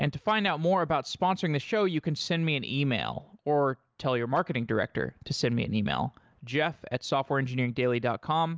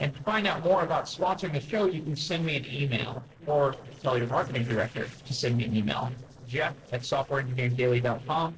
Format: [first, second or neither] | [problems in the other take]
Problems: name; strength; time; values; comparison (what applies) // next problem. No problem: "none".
first | noise reduction (neural separator model SepFormer DNS4)